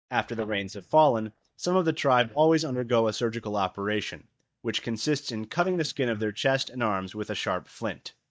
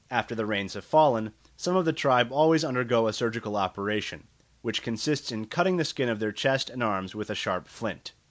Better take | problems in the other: second | noise reduction (neural mask model DeepFilterNet 3)

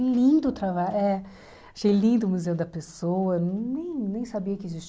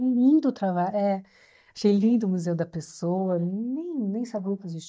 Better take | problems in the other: first | noise reduction (neural mask model DeepFilterNet 3)

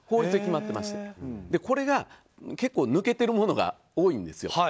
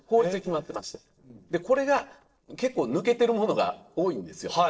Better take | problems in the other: first | noise reduction (neural separator model SepFormer DNS4)

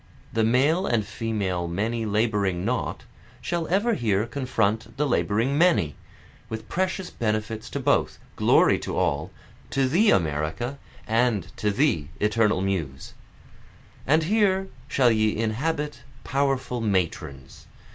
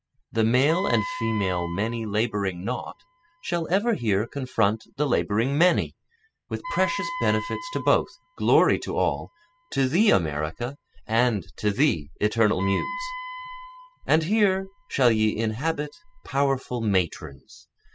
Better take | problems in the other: first | noise reduction (classical method spectral subtraction)

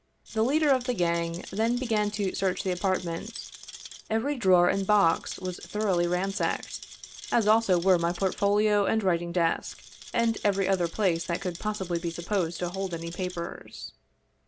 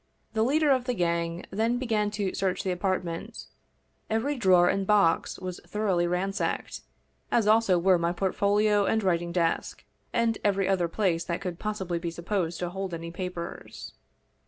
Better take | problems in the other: second | background sound (Rattle); 17 dB below the speech

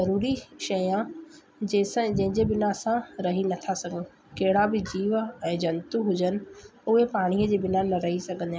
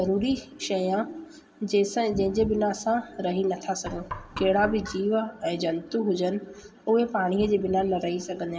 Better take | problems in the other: first | background sound (Knock); 13 dB below the speech // room echo; dies away in 0.4 s

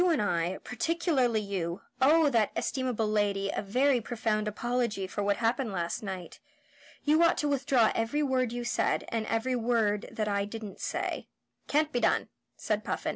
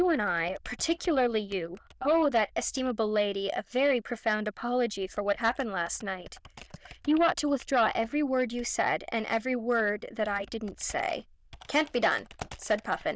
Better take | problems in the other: first | noise reduction (neural diffusion model UNIVERSE++)

